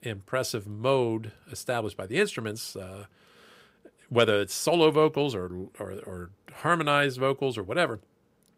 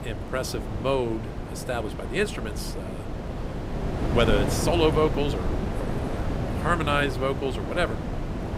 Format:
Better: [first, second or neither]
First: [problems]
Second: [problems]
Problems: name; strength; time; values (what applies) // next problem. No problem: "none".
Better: first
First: none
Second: wind noise on the microphone; heavy; 8 dB below the speech